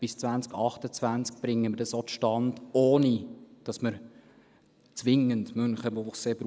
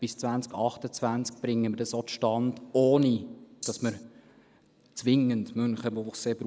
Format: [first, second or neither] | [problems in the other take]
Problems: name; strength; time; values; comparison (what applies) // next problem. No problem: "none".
first | background sound (Rattle (instrument)); 11 dB below the speech